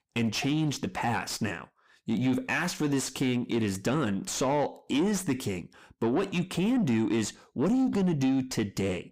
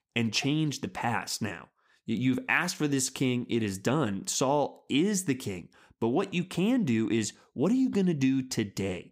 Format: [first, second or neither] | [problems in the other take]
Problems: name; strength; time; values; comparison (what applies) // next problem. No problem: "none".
second | distortion; slight; 10 dB below the speech